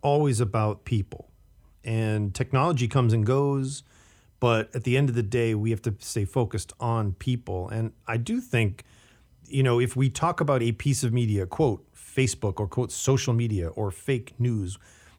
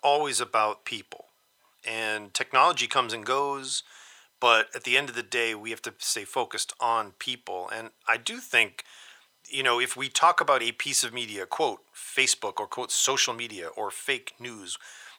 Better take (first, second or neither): first